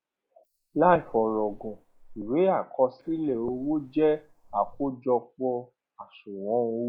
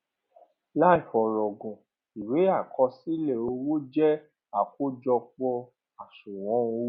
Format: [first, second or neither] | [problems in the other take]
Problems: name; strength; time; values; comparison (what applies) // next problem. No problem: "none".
second | noise reduction (neural mask model Resemble Enhance denoiser)